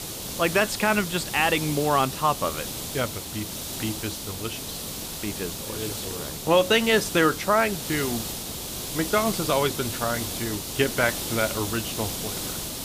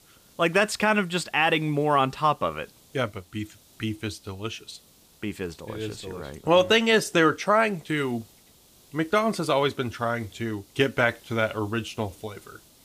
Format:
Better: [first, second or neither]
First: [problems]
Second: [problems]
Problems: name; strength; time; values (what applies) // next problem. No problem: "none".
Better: second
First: hiss; loud; throughout; 6 dB below the speech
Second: hiss; faint; throughout; 30 dB below the speech